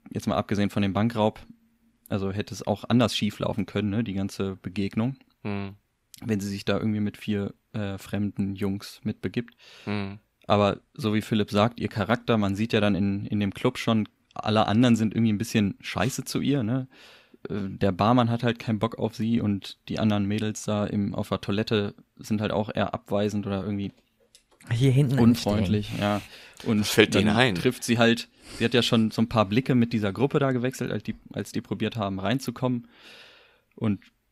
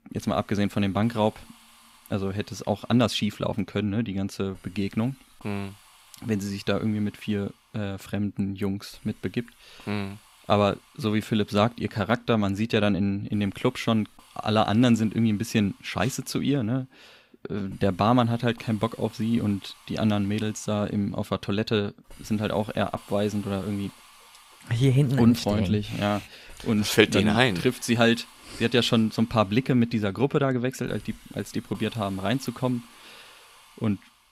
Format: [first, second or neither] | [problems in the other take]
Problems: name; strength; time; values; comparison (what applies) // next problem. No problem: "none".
first | hiss; faint; throughout; 25 dB below the speech